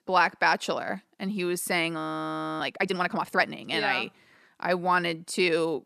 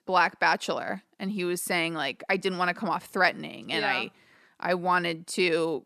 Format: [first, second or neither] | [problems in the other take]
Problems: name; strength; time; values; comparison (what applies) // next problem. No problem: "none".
second | audio freezing; at 2 s for 0.5 s